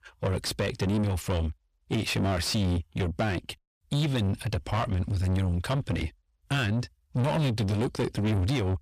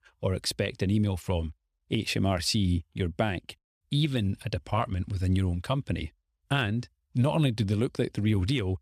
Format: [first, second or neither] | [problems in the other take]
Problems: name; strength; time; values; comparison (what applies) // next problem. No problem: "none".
second | distortion; heavy; 7 dB below the speech